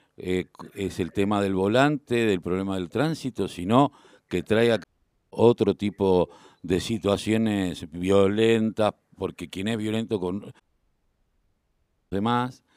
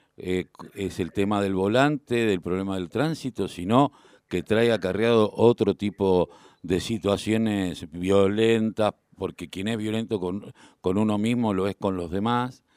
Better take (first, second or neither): second